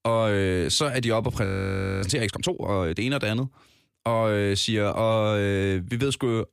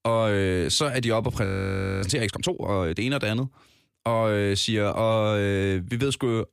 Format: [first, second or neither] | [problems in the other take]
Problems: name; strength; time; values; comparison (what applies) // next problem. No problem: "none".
neither | audio freezing; at 1.5 s for 0.5 s; the same in both